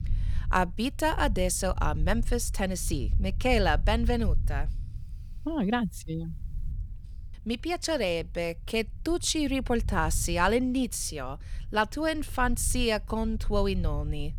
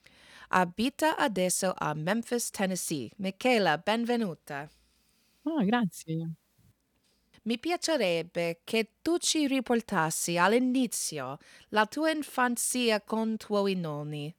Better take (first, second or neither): second